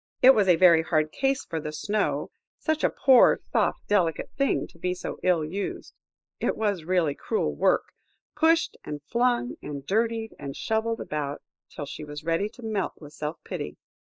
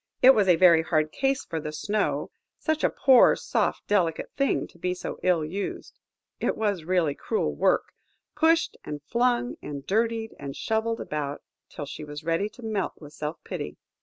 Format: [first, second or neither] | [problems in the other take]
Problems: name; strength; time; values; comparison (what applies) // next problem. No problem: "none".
second | noise reduction (neural mask model Resemble Enhance denoiser)